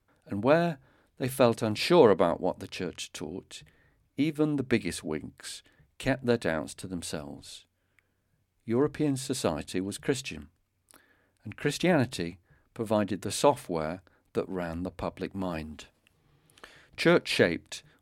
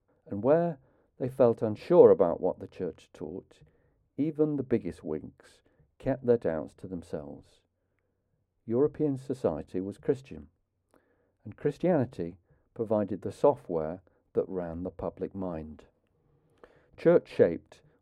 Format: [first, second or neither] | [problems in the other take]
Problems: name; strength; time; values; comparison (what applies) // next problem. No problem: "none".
first | muffled; very; fading above 1.5 kHz